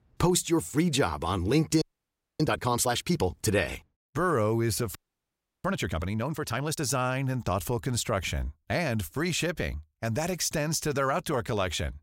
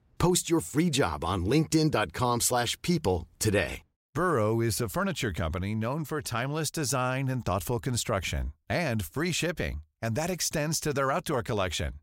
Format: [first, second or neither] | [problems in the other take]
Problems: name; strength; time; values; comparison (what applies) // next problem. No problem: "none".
second | audio freezing; at 2 s for 0.5 s and at 5 s for 0.5 s